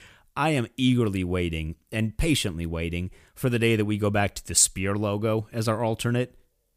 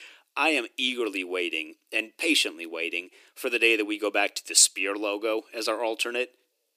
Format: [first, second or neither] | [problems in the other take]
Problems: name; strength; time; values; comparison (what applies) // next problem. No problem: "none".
first | thin; somewhat; fading below 300 Hz